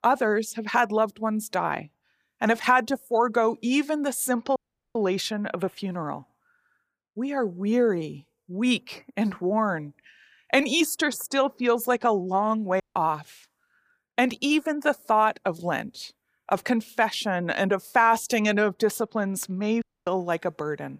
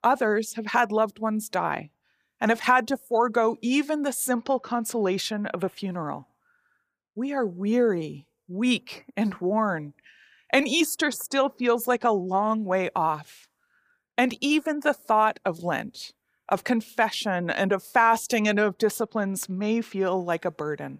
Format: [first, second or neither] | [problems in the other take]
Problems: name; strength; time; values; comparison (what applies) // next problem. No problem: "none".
second | audio cutting out; at 4.5 s, at 13 s and at 20 s